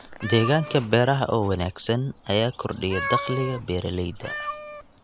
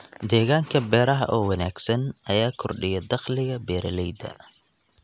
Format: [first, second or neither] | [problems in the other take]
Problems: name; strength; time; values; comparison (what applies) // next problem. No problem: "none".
second | background sound (Meow); 10 dB below the speech